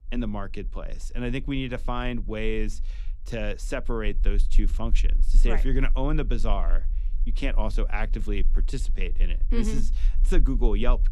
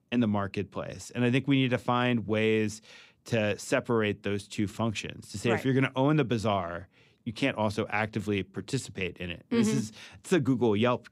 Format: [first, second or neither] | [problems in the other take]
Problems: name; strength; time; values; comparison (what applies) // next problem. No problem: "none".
second | low rumble; faint; throughout; 25 dB below the speech